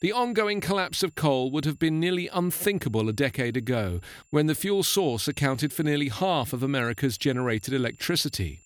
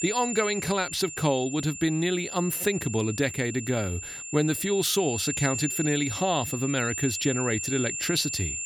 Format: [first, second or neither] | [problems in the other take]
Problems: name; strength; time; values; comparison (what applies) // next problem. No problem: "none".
first | high-pitched whine; loud; throughout; 7 kHz, 5 dB below the speech; faint in the first